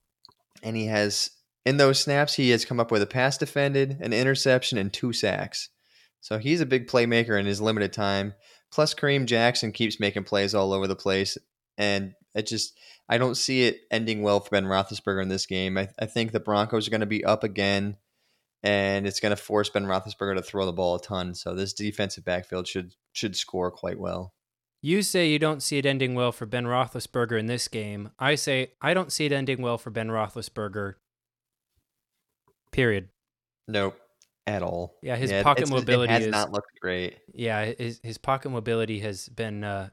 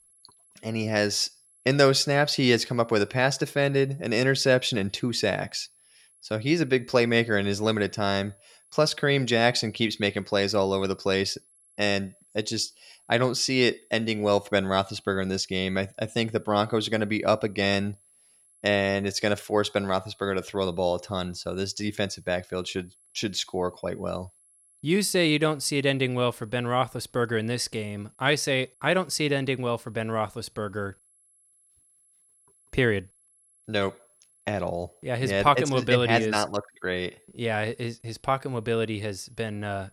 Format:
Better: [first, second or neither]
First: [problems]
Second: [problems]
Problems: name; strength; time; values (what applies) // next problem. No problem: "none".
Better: first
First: none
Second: high-pitched whine; faint; throughout; 11 kHz, 30 dB below the speech